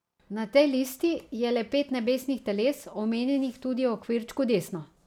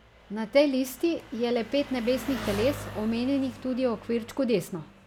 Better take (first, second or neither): first